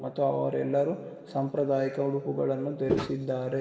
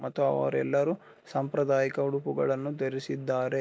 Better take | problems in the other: second | background sound (Walk, footsteps); as loud as the speech // room echo; dies away in 1.6 s

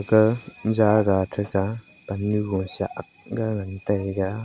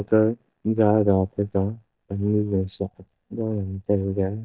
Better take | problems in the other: first | noise reduction (neural mask model DeepFilterNet 3)

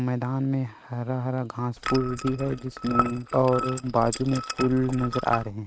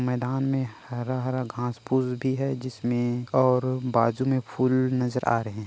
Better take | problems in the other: second | noise reduction (neural mask model RNNoise)

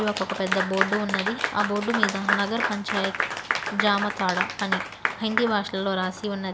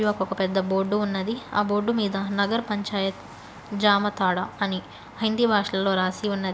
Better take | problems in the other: second | background sound (Applause / Clapping); 2 dB below the speech

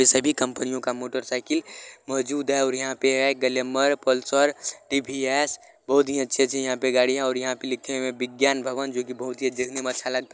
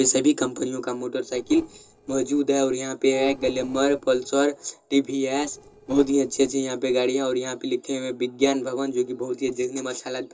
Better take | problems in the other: first | noise reduction (neural separator model SepFormer DNS4)

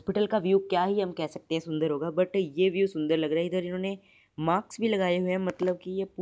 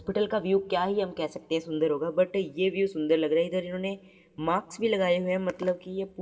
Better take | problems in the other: first | room echo; dies away in 0.3 s

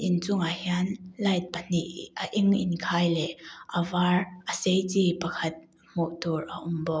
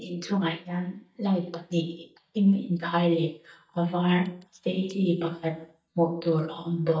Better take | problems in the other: first | noise reduction (neural mask model DeepFilterNet 3)

